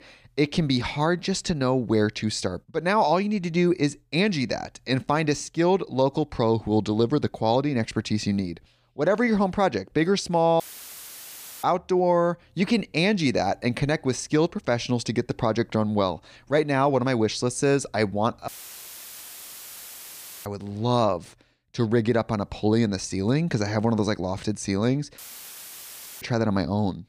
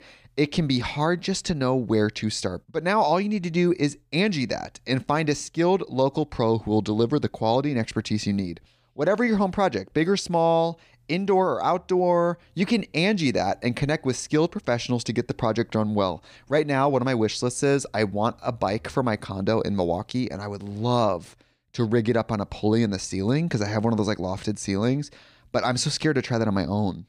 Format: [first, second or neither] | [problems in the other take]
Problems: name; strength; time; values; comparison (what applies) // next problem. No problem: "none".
second | audio cutting out; filled with static; at 11 s for 1 s, at 18 s for 2 s and at 25 s for 1 s